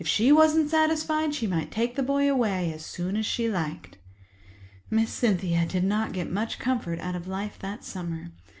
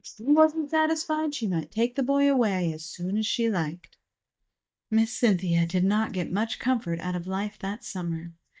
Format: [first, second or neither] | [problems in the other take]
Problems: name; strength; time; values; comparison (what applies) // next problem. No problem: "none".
first | noise reduction (neural mask model DeepFilterNet 3)